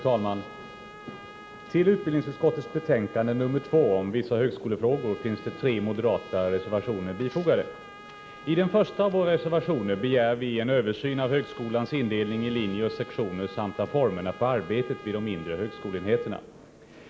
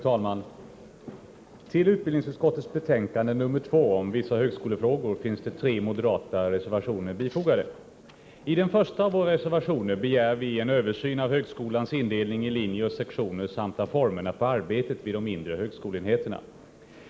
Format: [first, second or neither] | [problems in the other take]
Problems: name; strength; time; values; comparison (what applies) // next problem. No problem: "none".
second | background sound (Trumpet); 20 dB below the speech